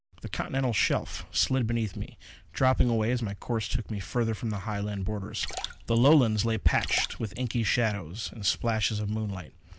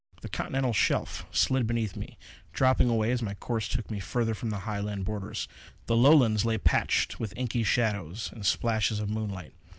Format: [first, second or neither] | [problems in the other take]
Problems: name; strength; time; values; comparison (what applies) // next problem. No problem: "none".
second | background sound (Splash, splatter); 11 dB below the speech